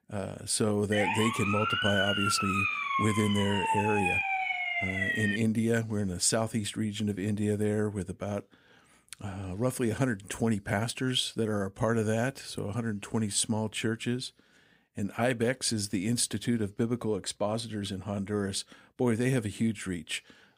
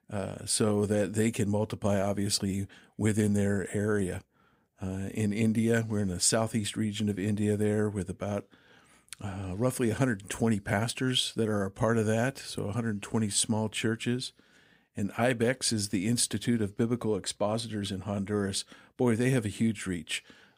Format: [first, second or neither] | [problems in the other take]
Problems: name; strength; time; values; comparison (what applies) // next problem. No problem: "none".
second | siren; loud; from 1 to 5.5 s; peak 3 dB above the speech